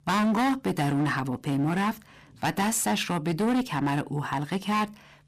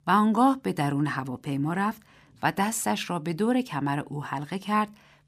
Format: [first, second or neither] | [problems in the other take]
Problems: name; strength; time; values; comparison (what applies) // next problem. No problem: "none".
second | distortion; heavy; 17% of the sound clipped